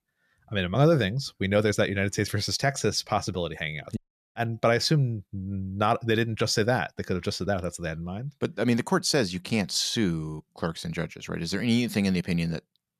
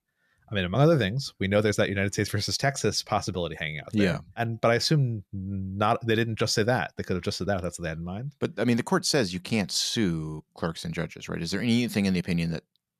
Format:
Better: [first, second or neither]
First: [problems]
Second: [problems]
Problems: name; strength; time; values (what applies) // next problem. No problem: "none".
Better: second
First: audio cutting out; at 4 s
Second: none